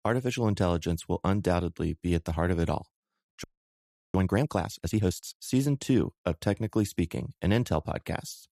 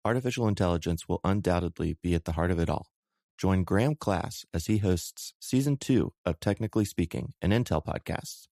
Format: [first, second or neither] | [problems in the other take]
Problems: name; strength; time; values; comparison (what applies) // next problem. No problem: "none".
second | audio freezing; at 3.5 s for 0.5 s